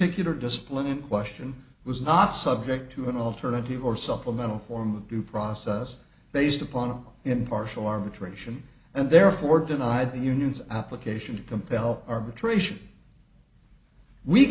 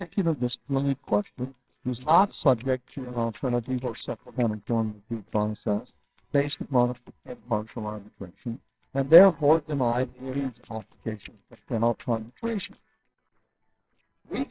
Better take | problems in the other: first | noise reduction (neural separator model SepFormer WHAMR!)

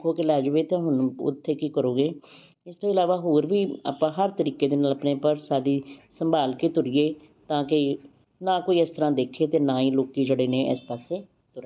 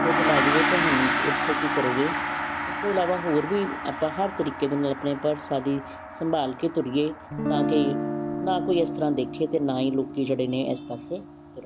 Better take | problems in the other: first | background sound (Gong + Guitar); 2 dB below the speech

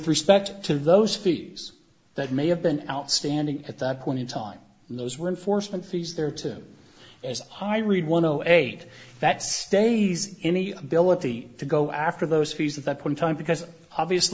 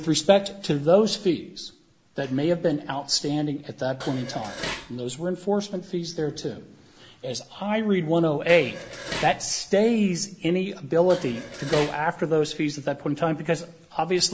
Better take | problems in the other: first | background sound (Dishes, pots, and pans); 12 dB below the speech

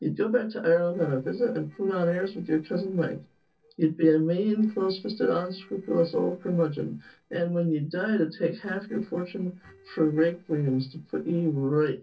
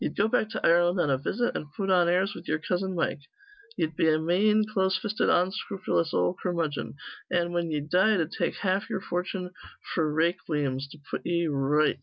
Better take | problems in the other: second | noise reduction (neural separator model SepFormer DNS4)

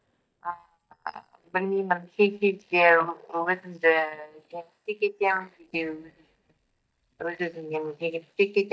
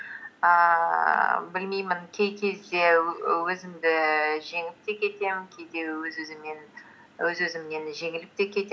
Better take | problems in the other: second | noise reduction (neural mask model DeepFilterNet 3)

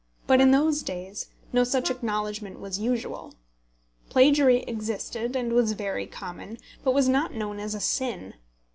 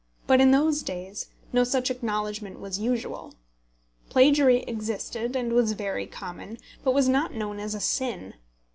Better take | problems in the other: second | background sound (Brass instrument); 18 dB below the speech

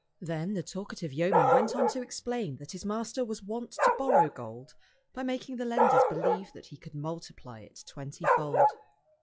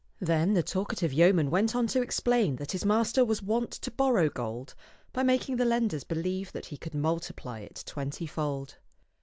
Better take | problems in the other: second | noise reduction (classical method log-MMSE)

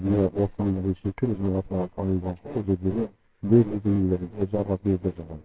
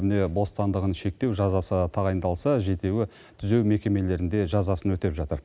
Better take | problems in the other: second | noise reduction (neural separator model SepFormer WHAMR!)

